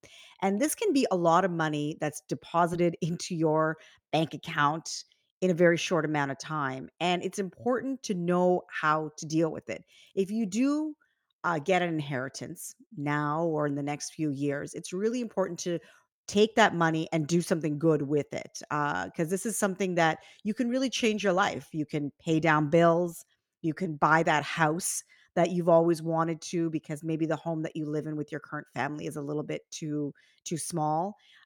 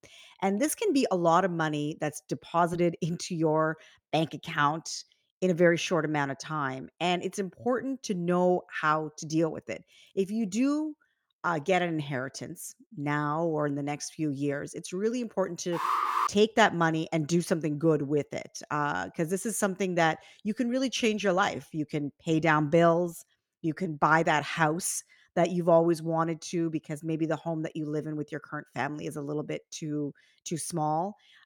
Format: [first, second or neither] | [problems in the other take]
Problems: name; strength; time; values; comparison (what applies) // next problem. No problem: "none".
first | alarm; loud; at 16 s; peak 2 dB above the speech